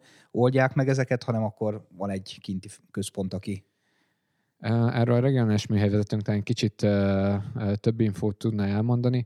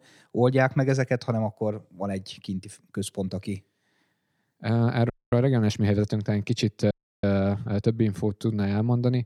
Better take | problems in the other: first | audio freezing; at 5 s and at 7 s

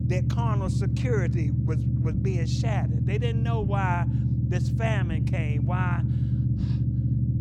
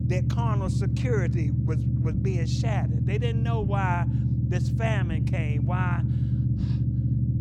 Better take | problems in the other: neither | low rumble; loud; throughout; 3 dB below the speech; the same in both

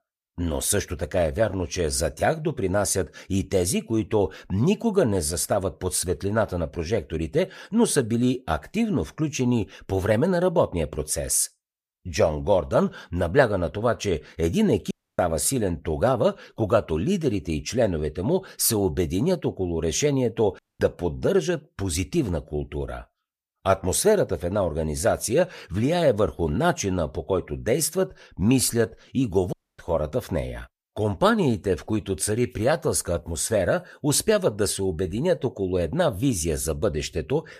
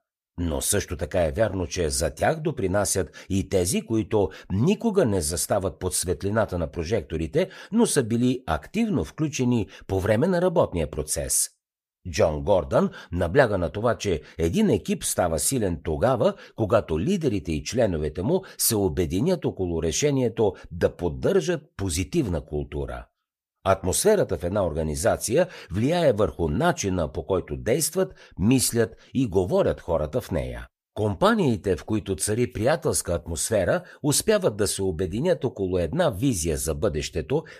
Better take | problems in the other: second | audio cutting out; at 15 s, at 21 s and at 30 s

